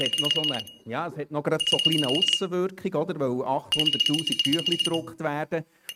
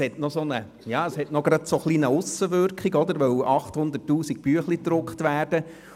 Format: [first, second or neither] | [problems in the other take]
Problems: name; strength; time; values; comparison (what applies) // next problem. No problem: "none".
second | noise reduction (neural mask model RNNoise)